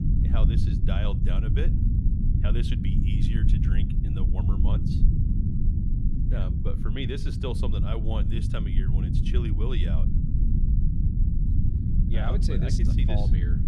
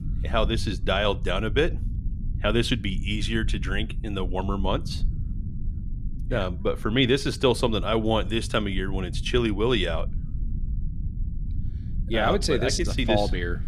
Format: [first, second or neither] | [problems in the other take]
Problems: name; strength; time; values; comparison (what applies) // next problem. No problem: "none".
second | low rumble; loud; throughout; 1 dB below the speech; faint in the second